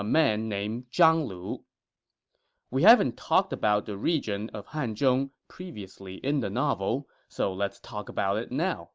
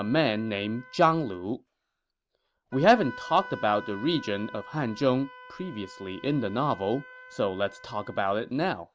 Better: first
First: none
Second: background sound (Wind instrument, woodwind instrument); 18 dB below the speech

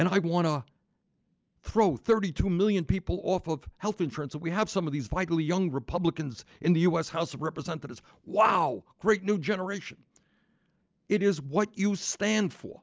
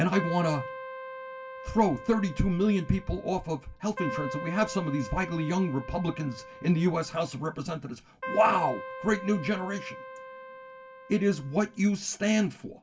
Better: first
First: none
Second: background sound (Keyboard (musical)); 11 dB below the speech // room echo; dies away in 0.2 s

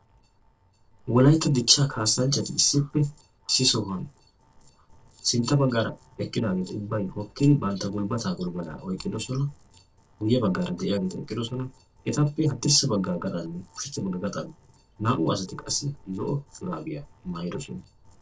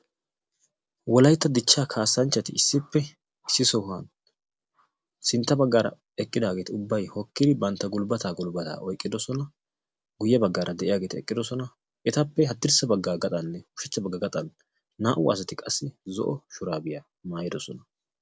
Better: second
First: noise reduction (neural separator model SepFormer DNS4)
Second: none

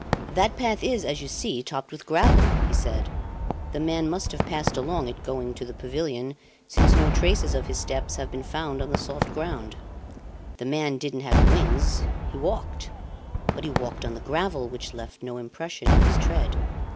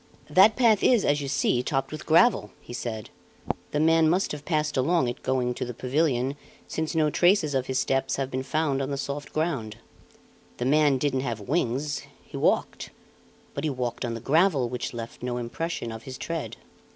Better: second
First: background sound (Cheering / Fireworks); 4 dB above the speech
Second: none

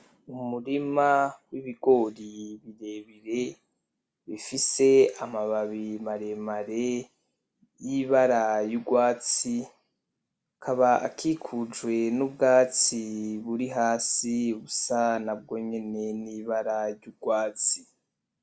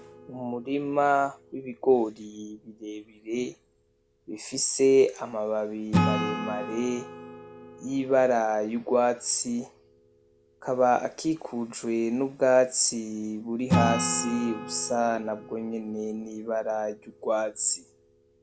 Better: first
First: none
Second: background sound (Acoustic guitar / Strum); 8 dB below the speech

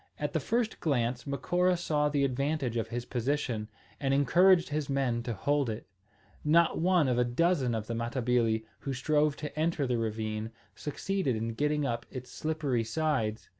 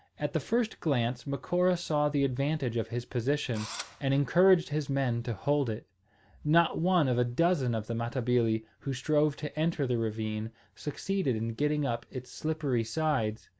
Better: first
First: none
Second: background sound (Engine / Drill); 13 dB below the speech

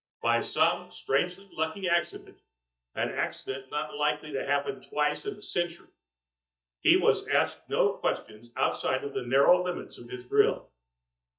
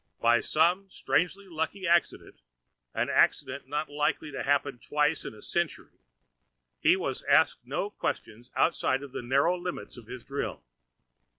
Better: second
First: noise reduction (neural mask model DeepFilterNet 3)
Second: none

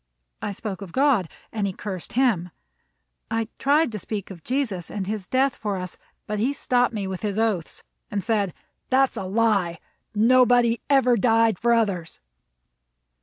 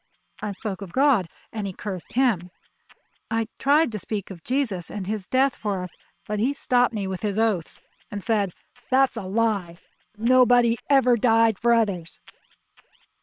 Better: first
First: none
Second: noise reduction (neural separator model SepFormer WHAM!)

